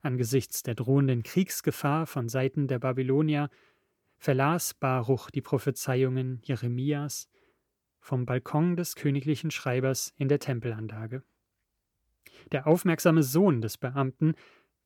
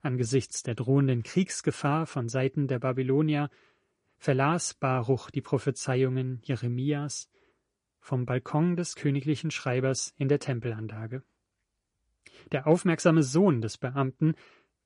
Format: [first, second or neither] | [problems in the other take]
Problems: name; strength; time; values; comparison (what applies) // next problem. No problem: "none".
first | garbled, watery; slightly; nothing above 10.5 kHz